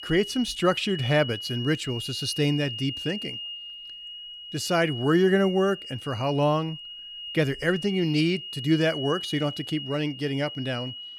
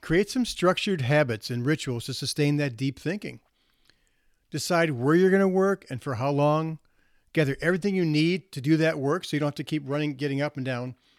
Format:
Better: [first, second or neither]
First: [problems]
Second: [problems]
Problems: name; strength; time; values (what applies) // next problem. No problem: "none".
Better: second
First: high-pitched whine; loud; throughout; 3 kHz, 9 dB below the speech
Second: none